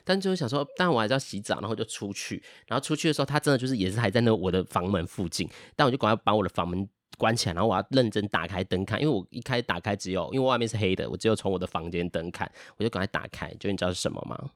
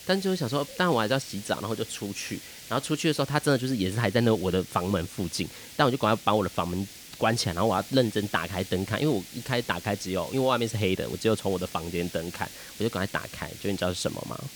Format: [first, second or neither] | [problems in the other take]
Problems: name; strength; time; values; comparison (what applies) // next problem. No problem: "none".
first | hiss; noticeable; throughout; 15 dB below the speech